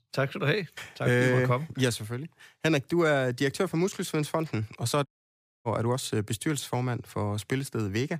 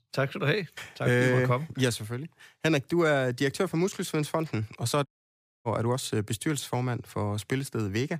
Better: neither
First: audio cutting out; at 5 s for 0.5 s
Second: audio cutting out; at 5 s for 0.5 s

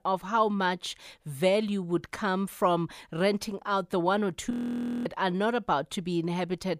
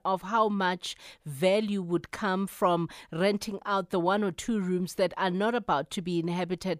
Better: second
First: audio freezing; at 4.5 s for 0.5 s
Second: none

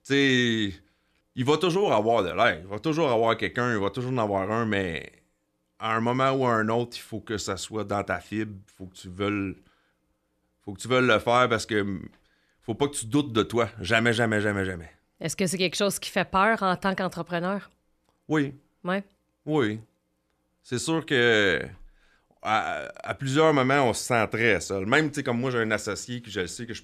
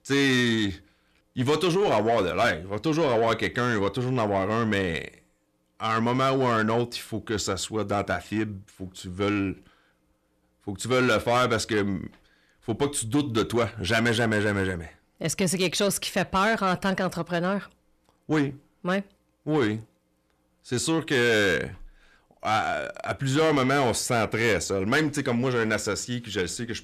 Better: first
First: none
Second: distortion; slight; 10 dB below the speech

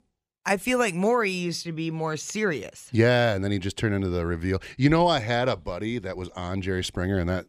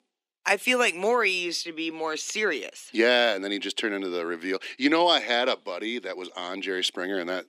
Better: first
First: none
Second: thin; somewhat; fading below 250 Hz

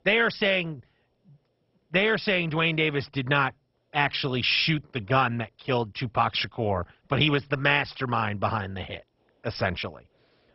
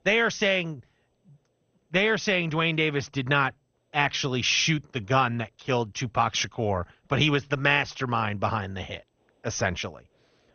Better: second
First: garbled, watery; badly; nothing above 5.5 kHz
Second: garbled, watery; slightly; nothing above 6.5 kHz

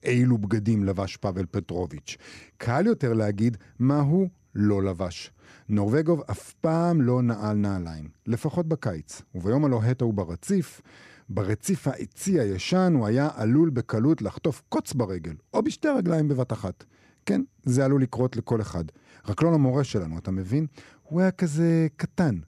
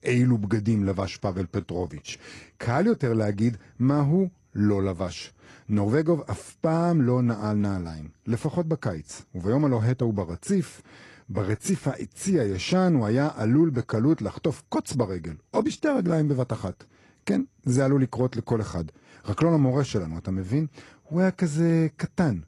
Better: first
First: none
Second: garbled, watery; slightly; nothing above 11 kHz

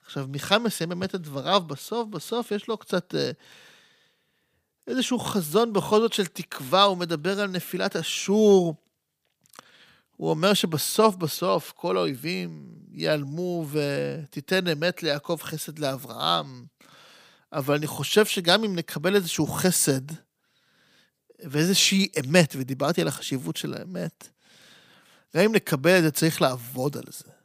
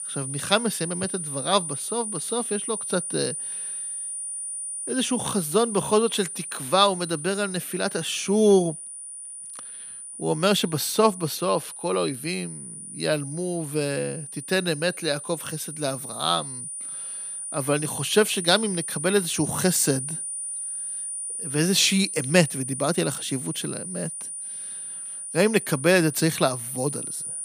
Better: first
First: none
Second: high-pitched whine; loud; throughout; 9.5 kHz, 7 dB below the speech

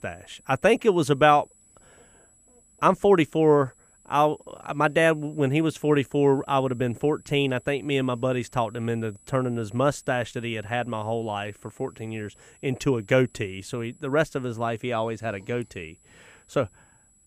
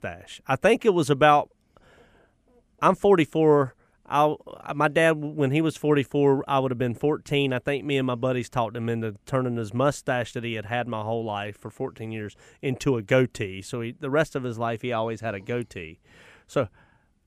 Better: second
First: high-pitched whine; faint; throughout; 8 kHz, 30 dB below the speech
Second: none

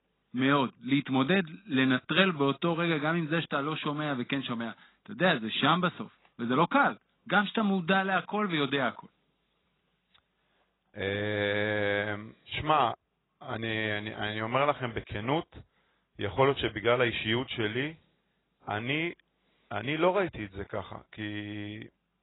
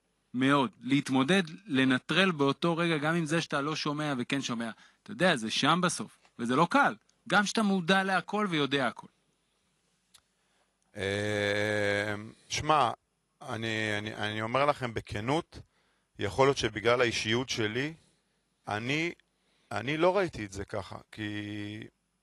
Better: second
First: garbled, watery; badly; nothing above 4 kHz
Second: garbled, watery; slightly; nothing above 11 kHz

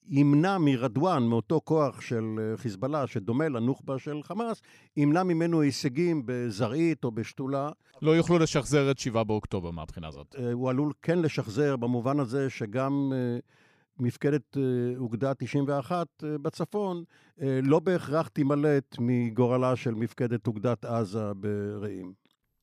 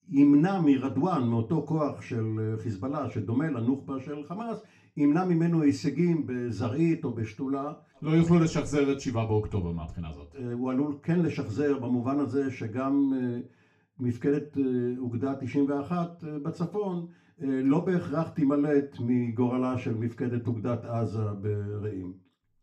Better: first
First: none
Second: room echo; very slight; dies away in 0.3 s // off-mic speech; far

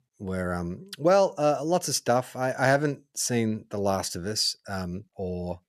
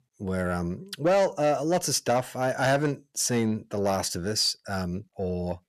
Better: first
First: none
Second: distortion; slight; 10 dB below the speech

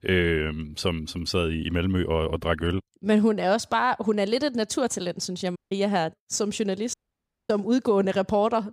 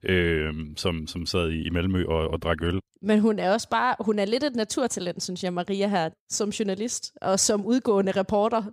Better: second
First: audio cutting out; at 5.5 s and at 7 s for 0.5 s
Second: none

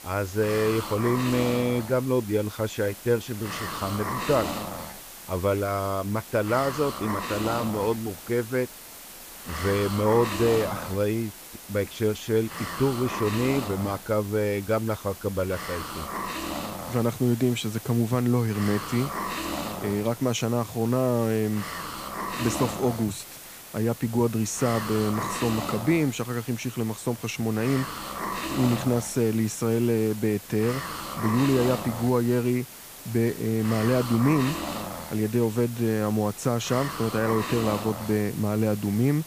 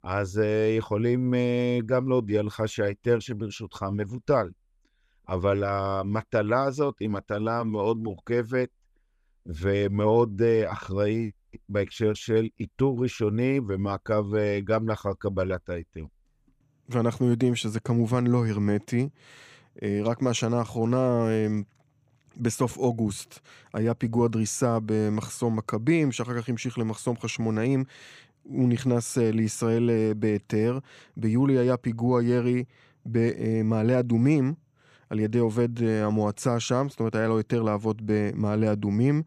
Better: second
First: hiss; loud; throughout; 8 dB below the speech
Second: none

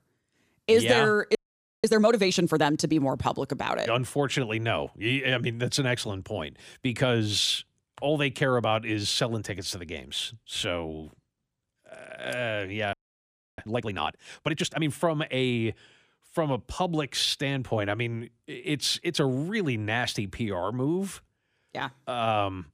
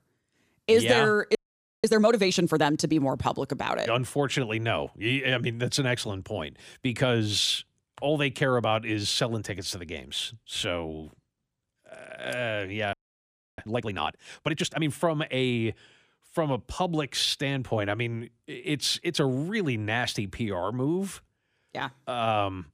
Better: neither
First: audio freezing; at 1.5 s and at 13 s for 0.5 s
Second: audio freezing; at 1.5 s and at 13 s for 0.5 s

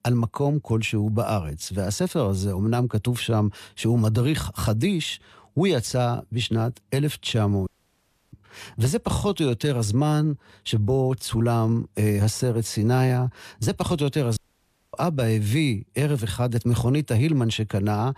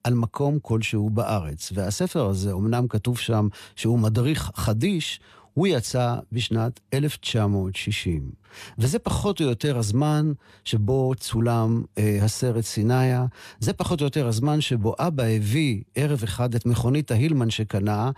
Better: second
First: audio cutting out; at 7.5 s for 0.5 s and at 14 s for 0.5 s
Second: none

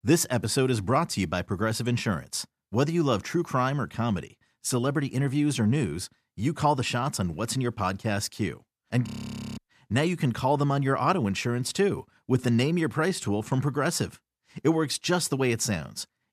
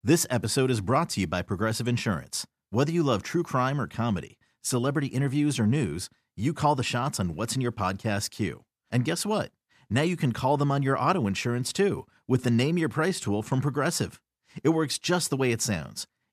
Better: second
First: audio freezing; at 9 s for 0.5 s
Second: none

